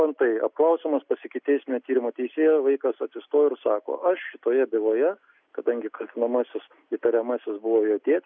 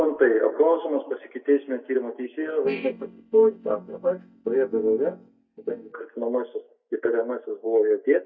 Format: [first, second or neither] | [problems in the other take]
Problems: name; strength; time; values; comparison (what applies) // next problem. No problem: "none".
first | noise reduction (neural mask model DeepFilterNet 3)